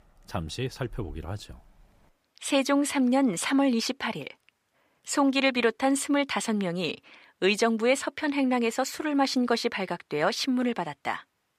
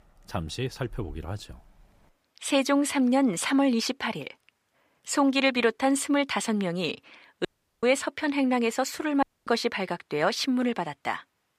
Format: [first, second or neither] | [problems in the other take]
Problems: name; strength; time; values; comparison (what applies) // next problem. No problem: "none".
first | audio cutting out; at 7.5 s and at 9 s